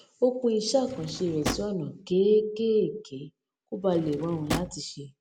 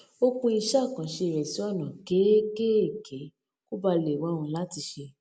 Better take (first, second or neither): second